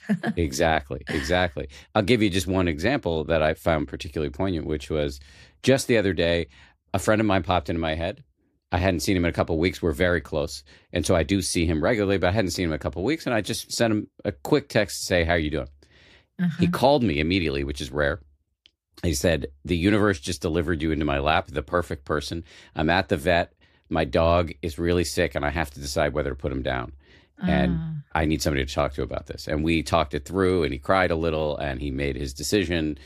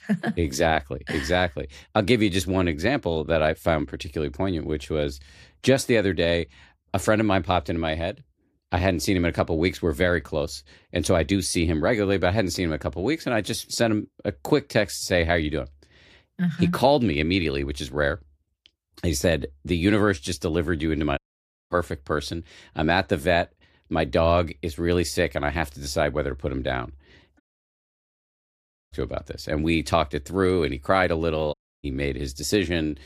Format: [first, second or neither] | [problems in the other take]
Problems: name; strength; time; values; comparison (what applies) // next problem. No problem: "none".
first | audio cutting out; at 21 s for 0.5 s, at 27 s for 1.5 s and at 32 s